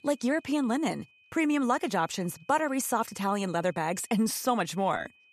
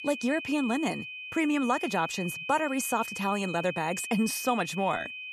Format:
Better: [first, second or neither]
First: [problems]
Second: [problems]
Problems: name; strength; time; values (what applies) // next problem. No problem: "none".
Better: first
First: high-pitched whine; faint; throughout; 2.5 kHz, 30 dB below the speech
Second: high-pitched whine; loud; throughout; 2.5 kHz, 8 dB below the speech